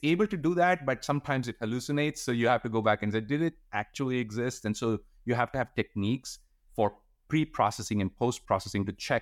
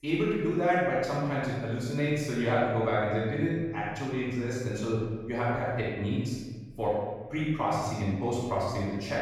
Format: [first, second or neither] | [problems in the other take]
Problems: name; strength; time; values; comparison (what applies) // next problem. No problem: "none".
first | room echo; strong; dies away in 1.4 s // off-mic speech; far